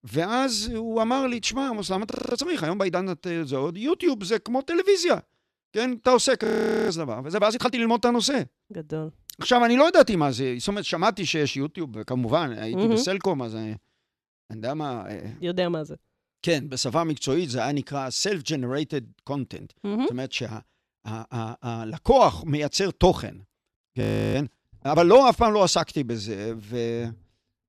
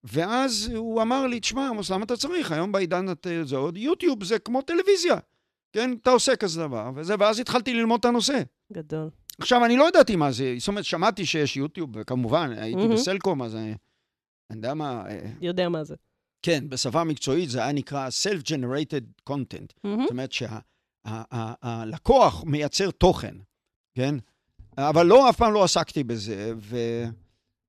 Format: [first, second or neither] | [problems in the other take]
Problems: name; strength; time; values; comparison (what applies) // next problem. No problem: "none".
second | audio freezing; at 2 s, at 6.5 s and at 24 s